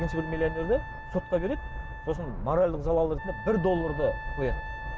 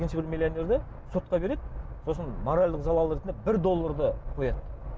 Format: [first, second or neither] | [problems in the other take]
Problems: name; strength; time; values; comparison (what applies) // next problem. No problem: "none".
second | background sound (Wind instrument, woodwind instrument); 13 dB below the speech